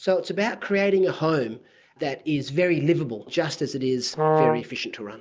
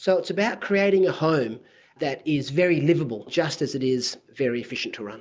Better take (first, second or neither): second